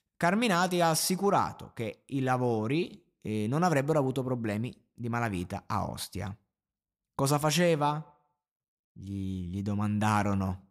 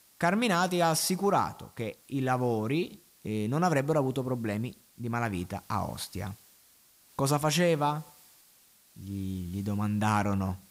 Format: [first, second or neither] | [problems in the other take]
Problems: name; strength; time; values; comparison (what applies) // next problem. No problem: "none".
first | hiss; faint; throughout; 25 dB below the speech